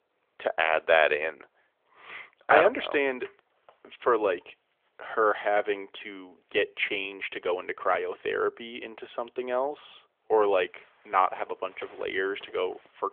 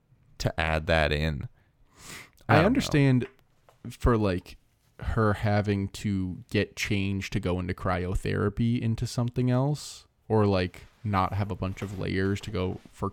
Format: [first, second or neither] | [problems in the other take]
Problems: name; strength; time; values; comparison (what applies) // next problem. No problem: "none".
second | phone-call audio; nothing above 3.5 kHz